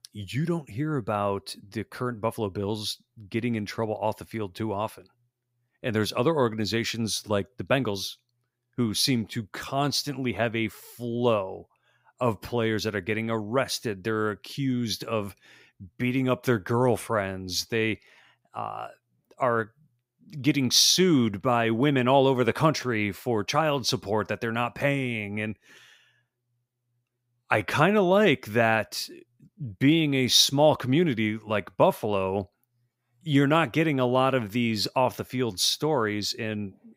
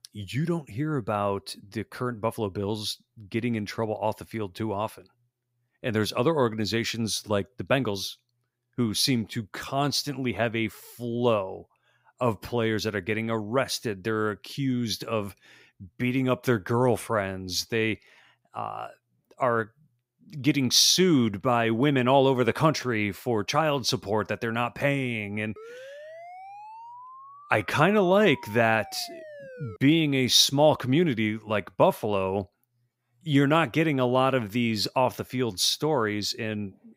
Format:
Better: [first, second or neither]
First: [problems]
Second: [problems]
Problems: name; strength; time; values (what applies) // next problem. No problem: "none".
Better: first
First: none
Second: siren; faint; from 26 to 30 s; peak 20 dB below the speech